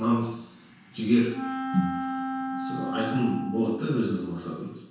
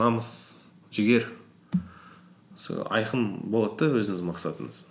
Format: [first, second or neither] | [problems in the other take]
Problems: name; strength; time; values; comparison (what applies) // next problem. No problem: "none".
second | background sound (Wind instrument, woodwind instrument); 5 dB below the speech // room echo; dies away in 0.6 s